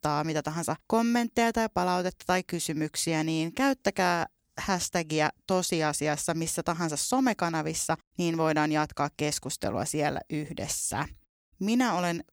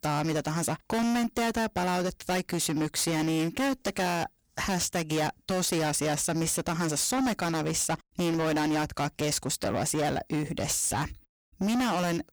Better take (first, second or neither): first